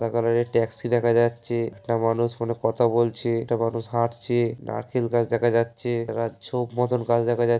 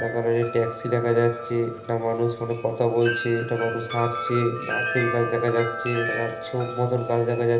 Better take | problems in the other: first | background sound (Wind chime); 8 dB below the speech // room echo; dies away in 0.8 s

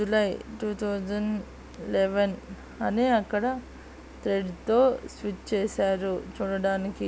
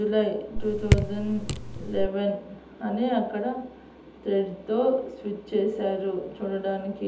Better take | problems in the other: first | background sound (Raindrop / Drip); 2 dB above the speech // room echo; dies away in 1.2 s

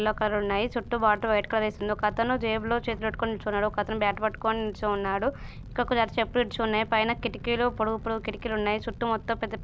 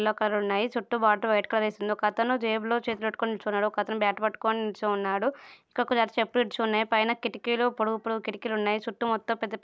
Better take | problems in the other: second | background sound (Fire); 13 dB below the speech

